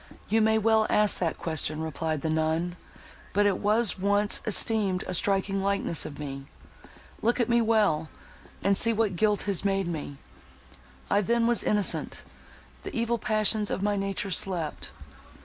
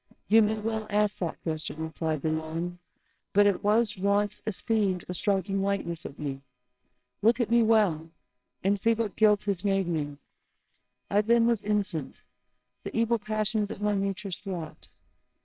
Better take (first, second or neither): first